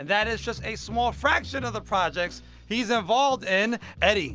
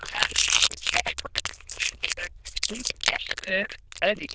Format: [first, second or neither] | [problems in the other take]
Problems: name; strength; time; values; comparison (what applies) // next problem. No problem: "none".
first | noise reduction (neural diffusion model UNIVERSE++)